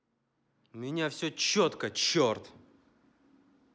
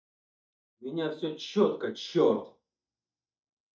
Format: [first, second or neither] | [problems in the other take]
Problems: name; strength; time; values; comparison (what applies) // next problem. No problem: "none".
first | noise reduction (neural mask model DeepFilterNet 3)